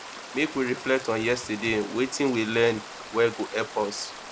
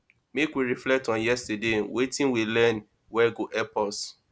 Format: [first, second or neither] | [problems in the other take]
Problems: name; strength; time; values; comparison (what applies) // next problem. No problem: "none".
second | background sound (Stream); 14 dB below the speech